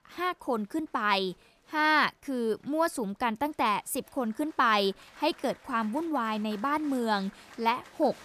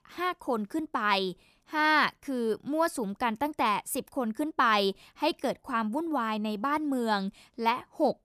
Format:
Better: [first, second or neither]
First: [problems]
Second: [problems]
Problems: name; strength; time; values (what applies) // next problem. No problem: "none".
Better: second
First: crowd noise; faint; throughout; 25 dB below the speech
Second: none